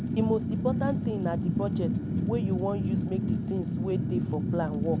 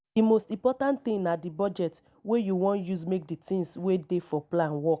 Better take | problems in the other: second | background sound (Fire); 3 dB above the speech

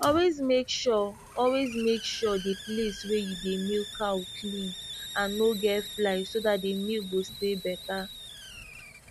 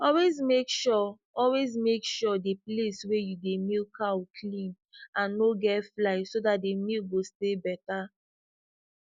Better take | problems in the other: second | background sound (Hiss); 13 dB below the speech

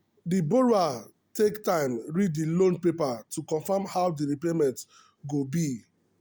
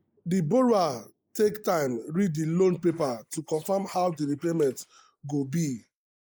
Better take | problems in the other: first | noise reduction (neural mask model Resemble Enhance denoiser)

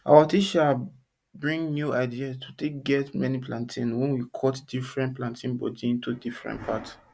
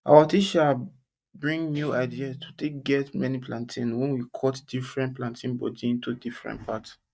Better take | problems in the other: first | noise reduction (neural mask model DeepFilterNet 3)

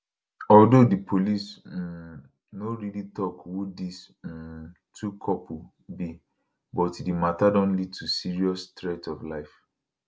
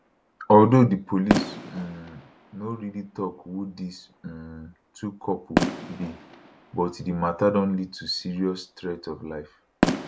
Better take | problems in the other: first | background sound (Fireworks); 6 dB below the speech

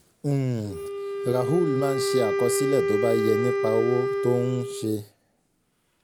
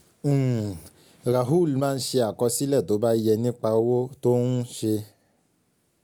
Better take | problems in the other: second | background sound (Wind instrument, woodwind instrument); 1 dB below the speech

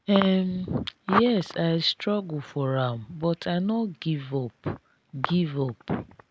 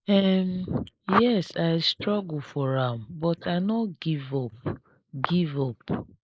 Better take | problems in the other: first | noise reduction (neural mask model Resemble Enhance denoiser)

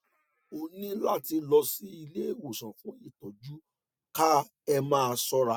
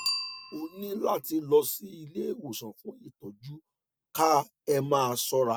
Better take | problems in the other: first | background sound (Bicycle bell); 13 dB below the speech

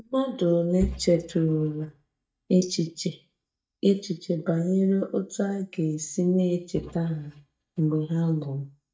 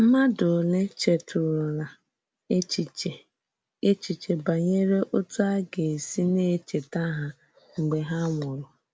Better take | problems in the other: second | noise reduction (neural mask model DeepFilterNet 3)

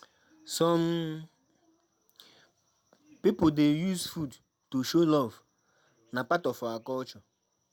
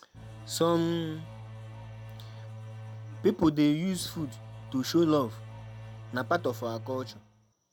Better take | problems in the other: first | background sound (Engine / Domestic sounds, home sounds); 13 dB below the speech

